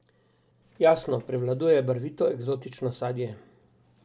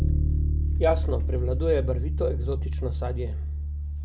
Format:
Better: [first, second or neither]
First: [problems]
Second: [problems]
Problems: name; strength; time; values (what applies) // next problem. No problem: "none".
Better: first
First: none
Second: background sound (Bass guitar); 5 dB above the speech